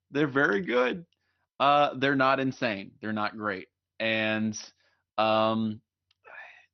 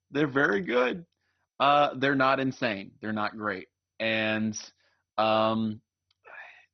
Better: first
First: garbled, watery; slightly; nothing above 6 kHz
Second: garbled, watery; badly; nothing above 6 kHz

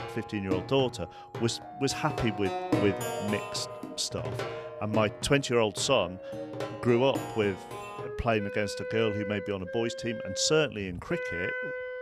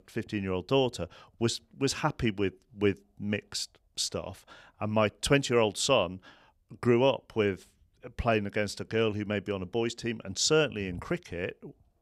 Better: second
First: background music; loud; throughout; 7 dB below the speech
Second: none

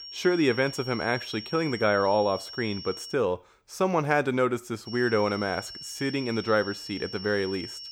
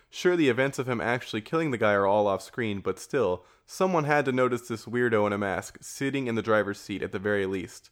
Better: second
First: high-pitched whine; noticeable; until 3 s and from 5 s on; 5.5 kHz, 10 dB below the speech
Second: none

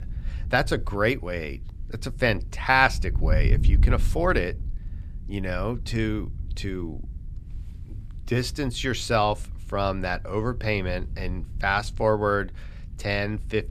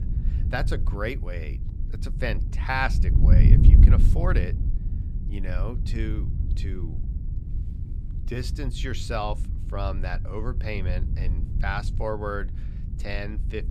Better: first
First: wind noise on the microphone; occasional gusts; 25 dB below the speech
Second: wind noise on the microphone; heavy; 9 dB below the speech

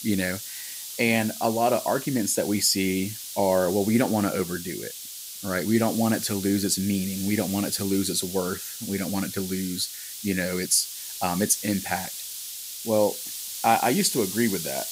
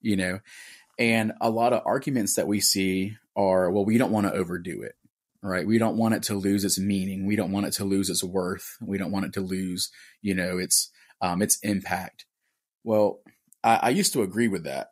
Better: second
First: hiss; loud; throughout; 8 dB below the speech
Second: none

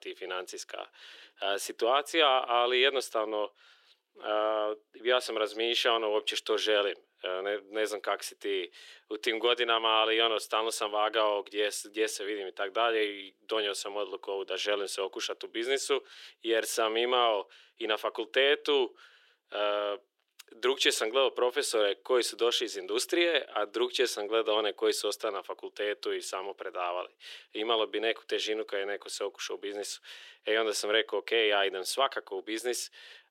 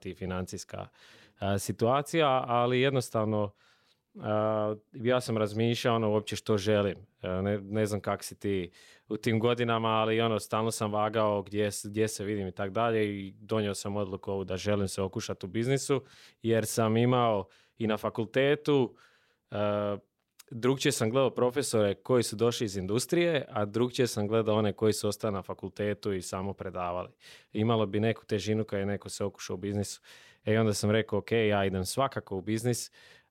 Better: second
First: thin; very; fading below 350 Hz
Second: none

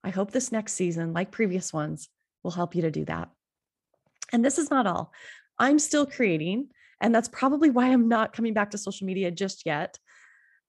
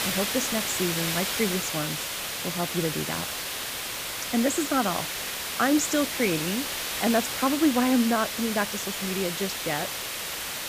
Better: first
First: none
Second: hiss; loud; throughout; 2 dB below the speech

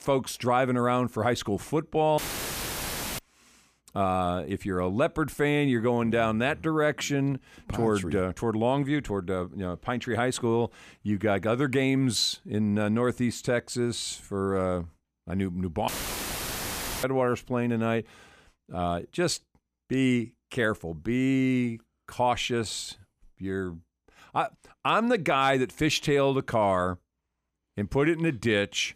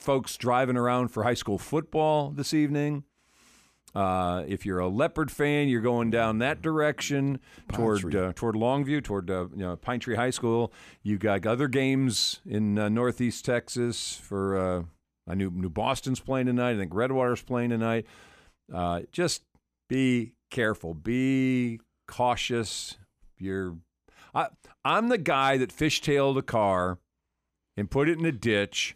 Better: second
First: audio cutting out; filled with static; at 2 s for 1 s and at 16 s for 1 s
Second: none

